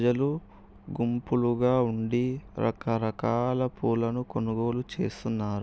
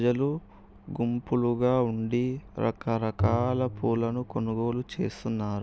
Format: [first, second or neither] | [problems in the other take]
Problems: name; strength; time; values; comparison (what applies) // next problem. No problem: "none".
first | background sound (Bowed string instrument); 7 dB below the speech